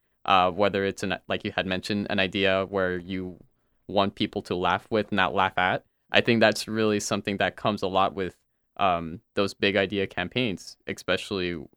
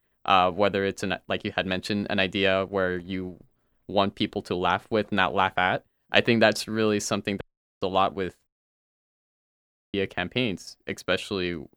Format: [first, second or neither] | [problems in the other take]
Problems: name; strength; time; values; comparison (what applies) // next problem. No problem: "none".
first | audio cutting out; at 7.5 s and at 8.5 s for 1.5 s